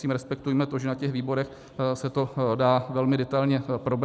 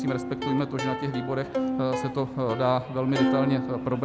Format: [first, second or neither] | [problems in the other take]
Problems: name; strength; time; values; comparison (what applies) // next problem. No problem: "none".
first | background sound (Plucked string instrument); 2 dB below the speech